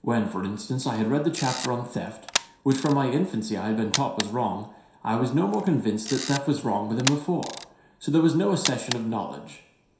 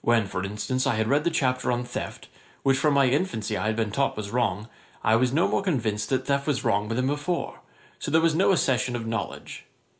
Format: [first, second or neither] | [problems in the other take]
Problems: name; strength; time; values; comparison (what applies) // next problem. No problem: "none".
second | background sound (Camera); 10 dB below the speech // room echo; dies away in 0.7 s